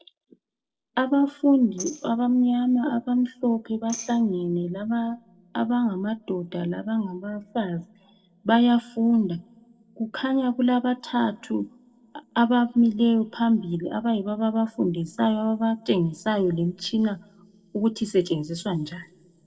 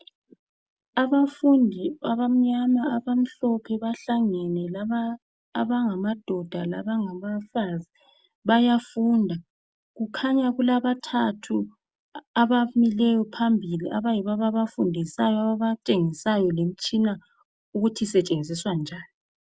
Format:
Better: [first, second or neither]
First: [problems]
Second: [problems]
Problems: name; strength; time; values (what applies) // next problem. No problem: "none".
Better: second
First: noise reduction (neural separator model SepFormer DNS4)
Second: none